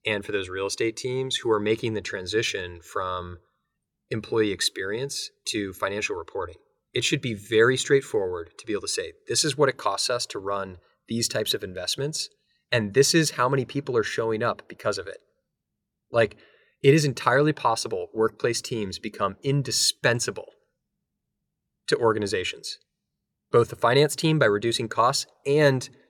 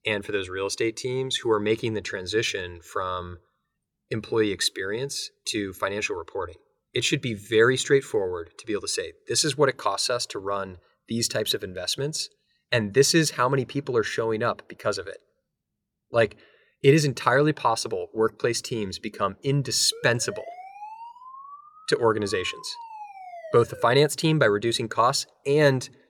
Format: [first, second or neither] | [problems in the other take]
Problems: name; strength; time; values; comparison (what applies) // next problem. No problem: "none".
first | siren; faint; from 20 to 24 s; peak 15 dB below the speech